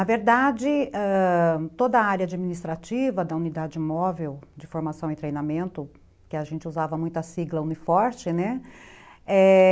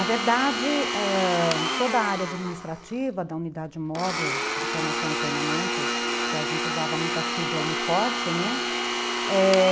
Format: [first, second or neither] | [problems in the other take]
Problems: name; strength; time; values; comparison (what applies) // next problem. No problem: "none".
first | background sound (Domestic sounds, home sounds); 1 dB below the speech